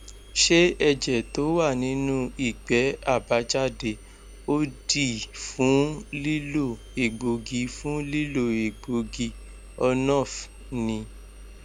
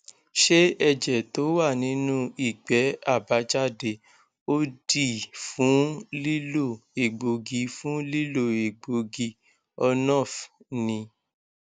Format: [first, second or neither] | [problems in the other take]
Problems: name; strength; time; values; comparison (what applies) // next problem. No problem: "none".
second | background sound (Engine); 17 dB below the speech